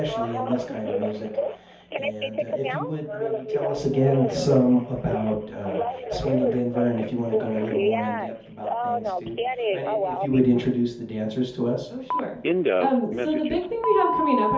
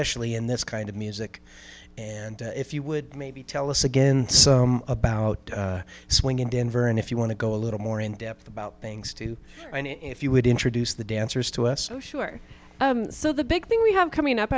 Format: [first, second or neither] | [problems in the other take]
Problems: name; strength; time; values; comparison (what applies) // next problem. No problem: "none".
second | background sound (Telephone); 2 dB below the speech // room echo; dies away in 0.5 s